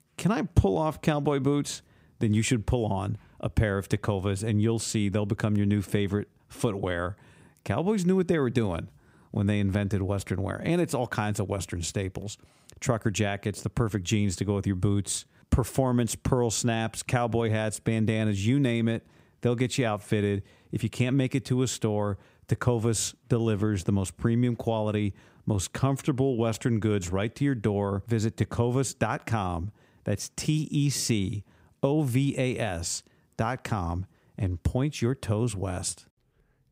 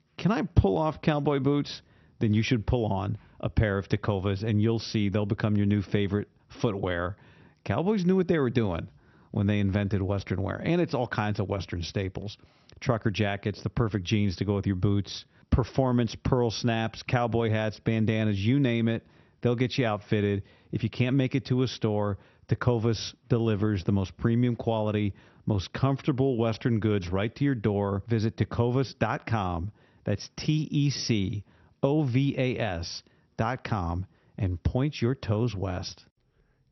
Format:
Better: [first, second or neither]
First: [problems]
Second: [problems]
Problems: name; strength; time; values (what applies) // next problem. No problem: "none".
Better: first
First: none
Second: garbled, watery; slightly; nothing above 6 kHz